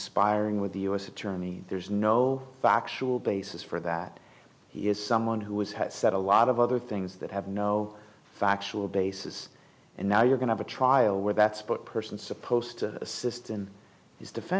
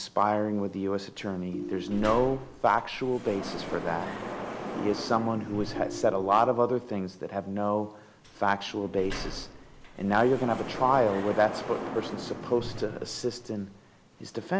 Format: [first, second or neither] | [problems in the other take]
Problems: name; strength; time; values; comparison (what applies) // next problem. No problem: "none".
first | background sound (Ringtone + Sliding door); 10 dB below the speech